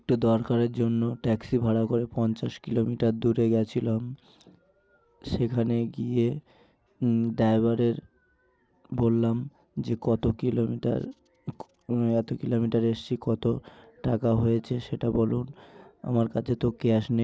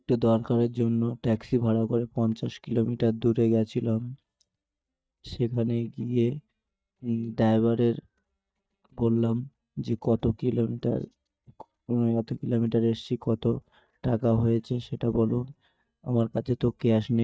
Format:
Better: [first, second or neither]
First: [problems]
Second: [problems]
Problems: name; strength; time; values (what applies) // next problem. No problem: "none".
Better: first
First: none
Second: noise reduction (neural mask model DeepFilterNet 3)